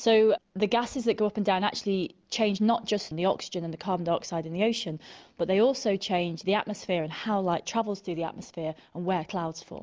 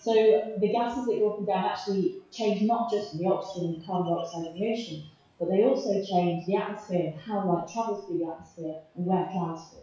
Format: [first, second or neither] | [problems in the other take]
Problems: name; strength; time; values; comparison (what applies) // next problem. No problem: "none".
first | noise reduction (classical method WPE with log-MMSE)